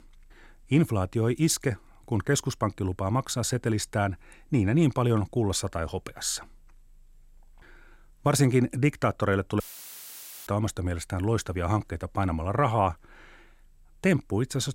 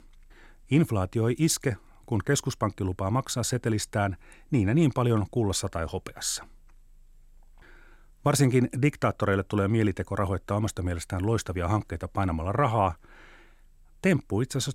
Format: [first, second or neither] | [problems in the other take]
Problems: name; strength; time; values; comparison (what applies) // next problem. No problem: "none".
second | audio cutting out; filled with static; at 9.5 s for 1 s